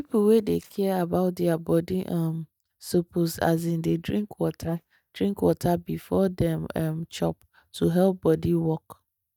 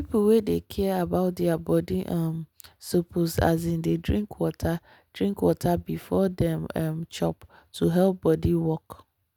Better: second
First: noise reduction (neural mask model DeepFilterNet 3)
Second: none

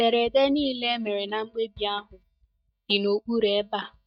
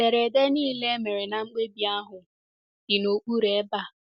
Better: second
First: noise reduction (neural mask model DeepFilterNet 3)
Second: none

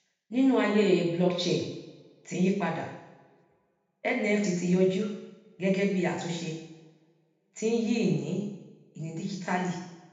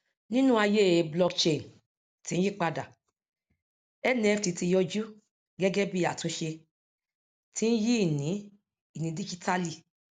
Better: second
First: room echo; dies away in 0.9 s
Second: none

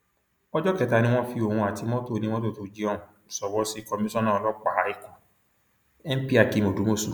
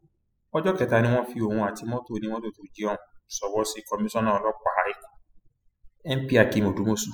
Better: first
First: none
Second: noise reduction (classical method spectral subtraction)

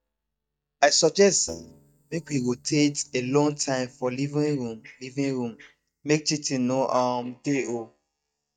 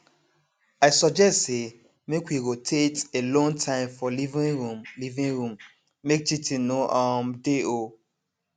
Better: second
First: noise reduction (neural mask model DeepFilterNet 3)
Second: none

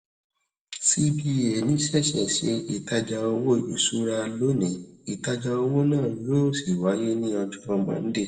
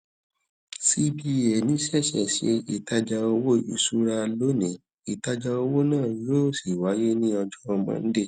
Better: second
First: room echo; dies away in 0.7 s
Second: none

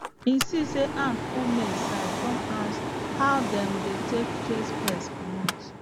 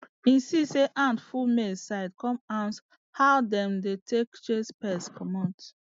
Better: second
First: background sound (Mechanical fan); 1 dB below the speech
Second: none

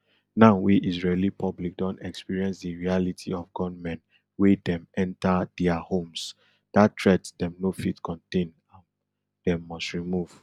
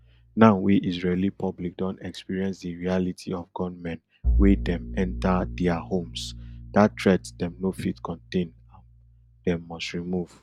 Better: first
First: none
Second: background sound (Bowed string instrument); 8 dB below the speech

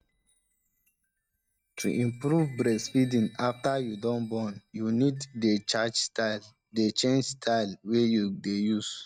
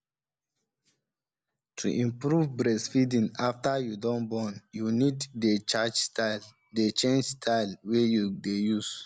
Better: second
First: noise reduction (neural mask model RNNoise)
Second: none

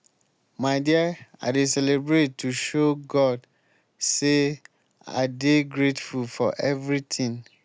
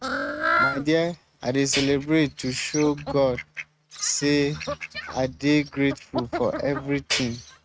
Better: first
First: none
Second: noise reduction (neural mask model RNNoise)

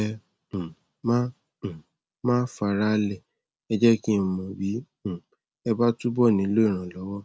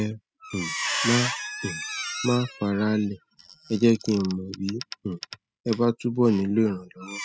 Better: first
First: none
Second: noise reduction (classical method spectral subtraction)

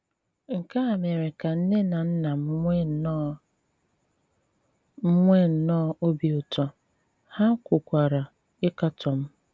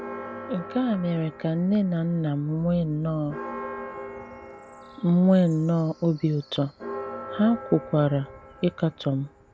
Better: first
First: none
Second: background sound (Church bell); 14 dB below the speech

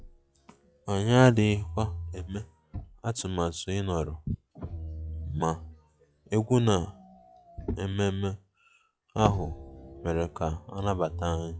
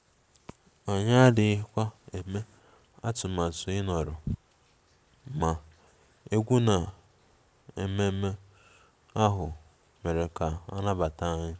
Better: second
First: noise reduction (classical method log-MMSE)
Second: none

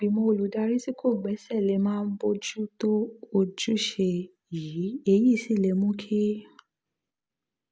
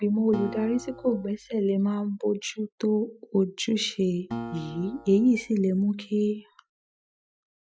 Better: first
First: none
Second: noise reduction (classical method Wiener filter)

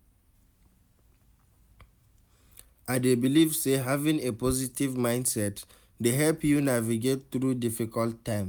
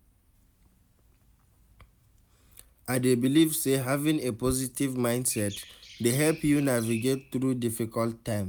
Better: first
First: none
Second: background sound (Chirp, tweet); 18 dB below the speech

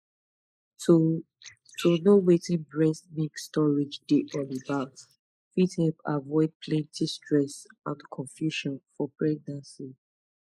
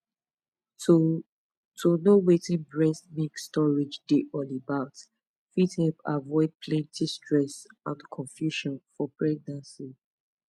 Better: second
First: noise reduction (neural mask model Resemble Enhance denoiser)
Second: none

